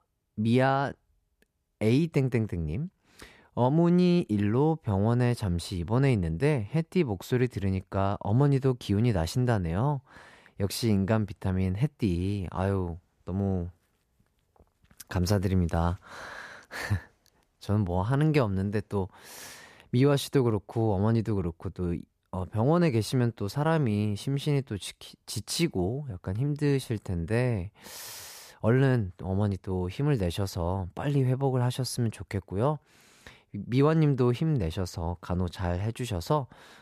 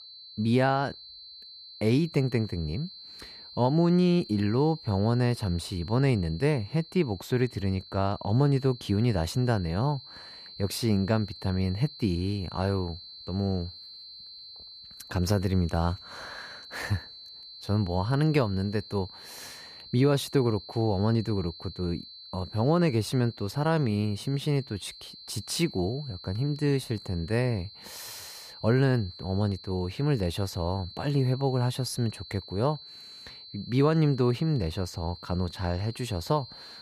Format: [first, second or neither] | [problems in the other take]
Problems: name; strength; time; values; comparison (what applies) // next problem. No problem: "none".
first | high-pitched whine; noticeable; throughout; 4 kHz, 15 dB below the speech